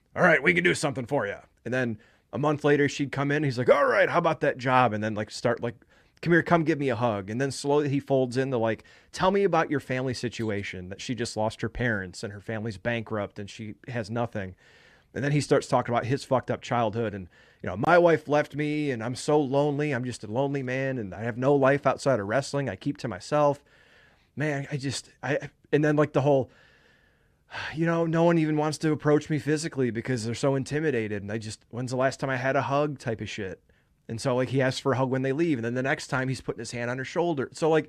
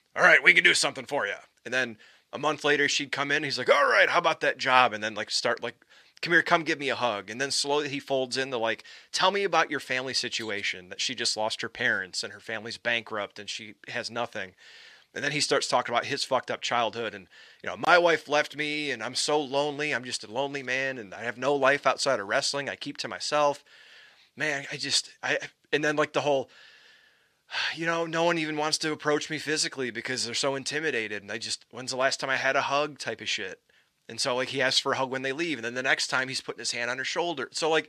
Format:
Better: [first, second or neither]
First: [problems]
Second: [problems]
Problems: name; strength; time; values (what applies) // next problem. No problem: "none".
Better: first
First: none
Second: thin; somewhat; fading below 950 Hz